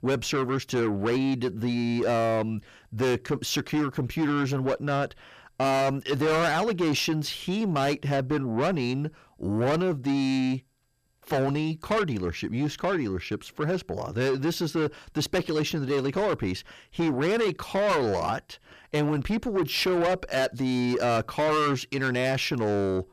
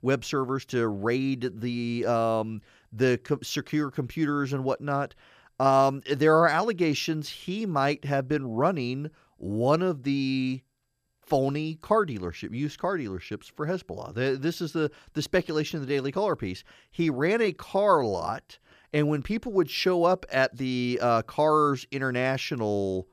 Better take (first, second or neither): second